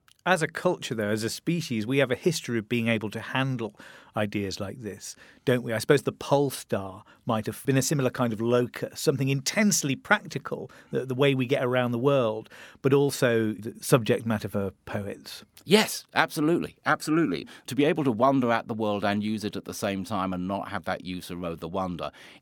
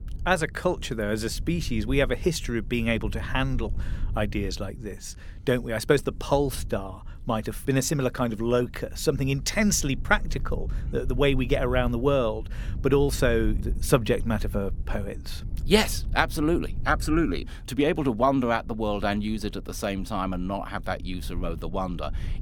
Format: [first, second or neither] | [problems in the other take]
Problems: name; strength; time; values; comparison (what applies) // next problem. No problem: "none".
first | low rumble; faint; throughout; 25 dB below the speech